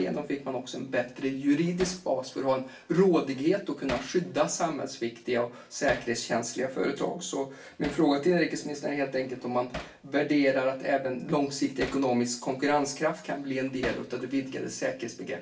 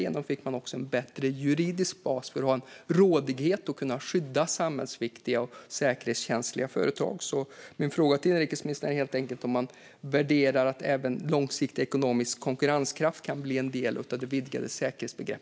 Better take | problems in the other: second | background sound (Hammer); 18 dB below the speech // room echo; dies away in 0.3 s

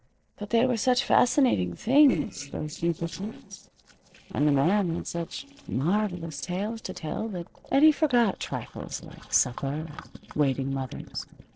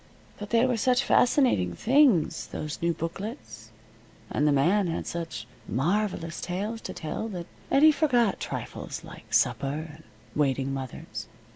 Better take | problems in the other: second | noise reduction (neural separator model SepFormer DNS4)

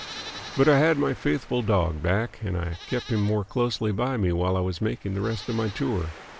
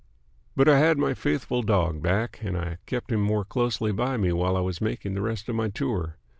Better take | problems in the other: second | background sound (Livestock, farm animals, working animals + Waves, surf); 18 dB below the speech

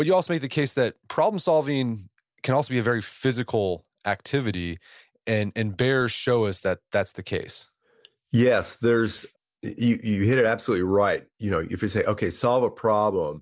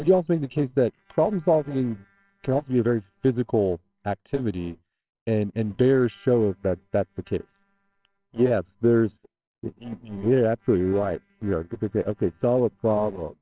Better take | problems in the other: first | noise reduction (neural separator model SepFormer WHAMR!)

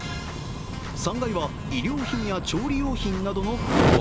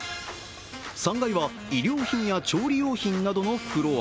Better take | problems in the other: second | background sound (Fire); 1 dB above the speech

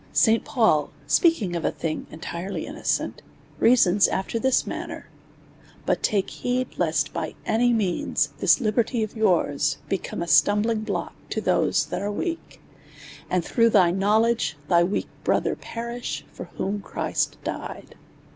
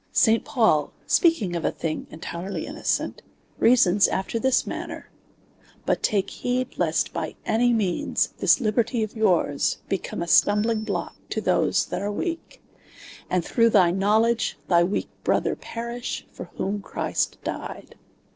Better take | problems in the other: first | noise reduction (neural separator model SepFormer DNS4)

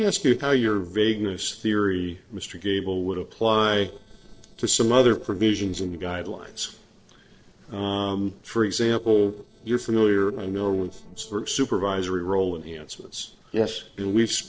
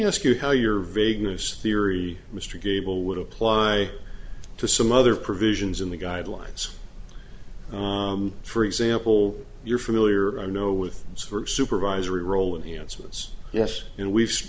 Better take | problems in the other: second | noise reduction (neural separator model SepFormer DNS4)

